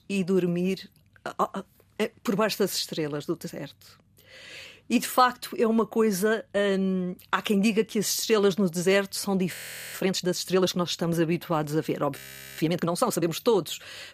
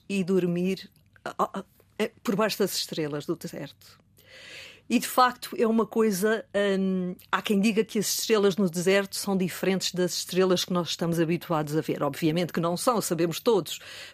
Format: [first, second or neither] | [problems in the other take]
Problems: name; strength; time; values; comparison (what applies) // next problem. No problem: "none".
second | audio freezing; at 9.5 s and at 12 s